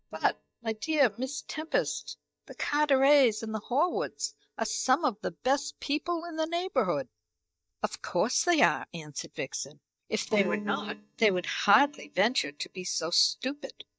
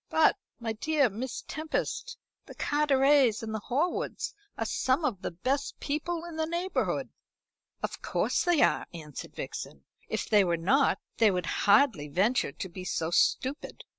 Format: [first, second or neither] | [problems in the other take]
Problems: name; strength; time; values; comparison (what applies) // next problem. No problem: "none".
second | noise reduction (neural mask model DeepFilterNet 3)